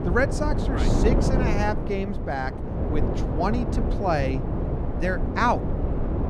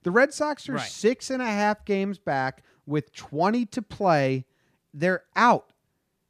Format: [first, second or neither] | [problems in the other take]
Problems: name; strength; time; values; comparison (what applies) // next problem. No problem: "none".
second | wind noise on the microphone; heavy; 5 dB below the speech